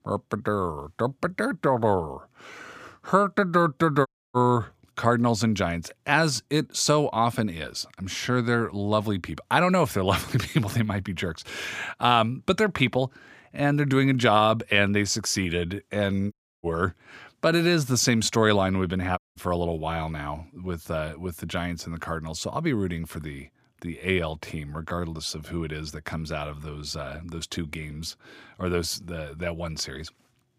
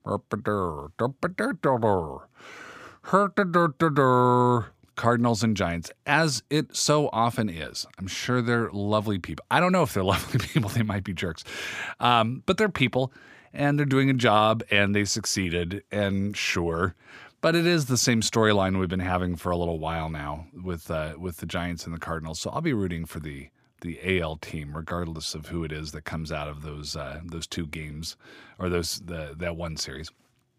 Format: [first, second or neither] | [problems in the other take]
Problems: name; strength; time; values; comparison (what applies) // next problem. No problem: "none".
second | audio cutting out; at 4 s, at 16 s and at 19 s